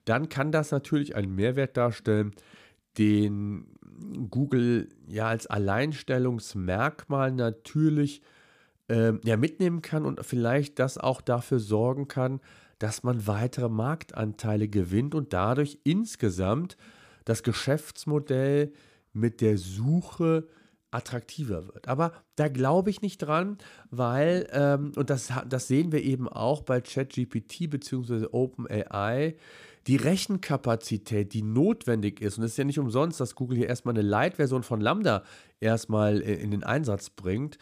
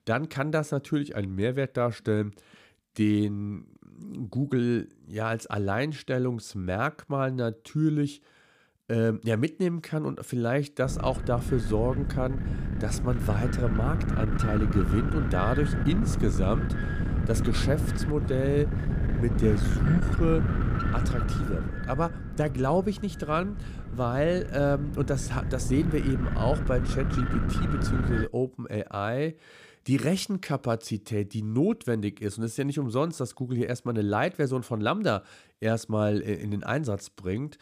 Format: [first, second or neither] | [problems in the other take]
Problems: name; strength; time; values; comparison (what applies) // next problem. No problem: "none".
first | wind noise on the microphone; heavy; from 11 to 28 s; 6 dB below the speech